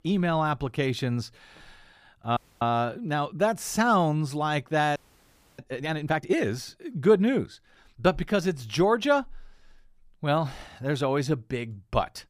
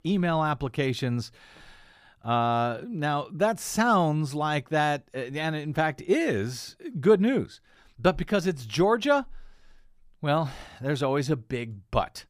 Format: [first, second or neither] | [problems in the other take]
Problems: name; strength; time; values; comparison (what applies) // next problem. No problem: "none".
second | audio freezing; at 2.5 s and at 5 s for 0.5 s